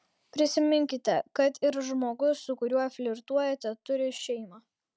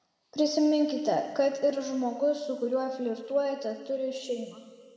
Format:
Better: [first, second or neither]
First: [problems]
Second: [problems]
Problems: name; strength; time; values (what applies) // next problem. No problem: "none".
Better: first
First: none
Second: room echo; dies away in 1.9 s